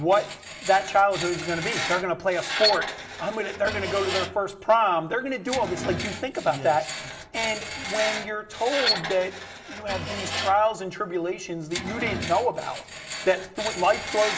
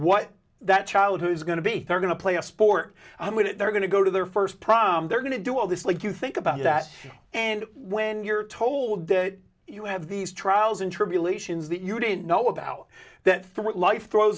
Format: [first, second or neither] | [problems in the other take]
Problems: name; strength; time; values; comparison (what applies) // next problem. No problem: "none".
second | background sound (Screech); 7 dB below the speech // room echo; dies away in 1.3 s